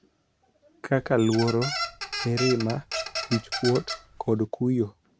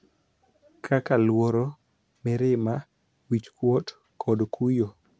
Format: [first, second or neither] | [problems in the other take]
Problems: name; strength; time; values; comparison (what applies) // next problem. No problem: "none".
second | background sound (Squeak); 6 dB below the speech